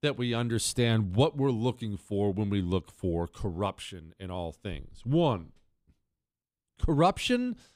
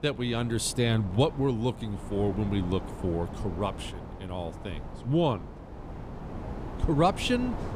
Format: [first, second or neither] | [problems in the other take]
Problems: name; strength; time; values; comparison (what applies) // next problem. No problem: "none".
first | wind noise on the microphone; occasional gusts; 15 dB below the speech